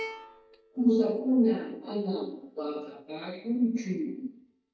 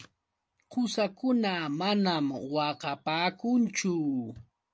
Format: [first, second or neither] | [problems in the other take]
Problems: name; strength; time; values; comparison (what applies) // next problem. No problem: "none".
second | noise reduction (neural mask model DeepFilterNet 3)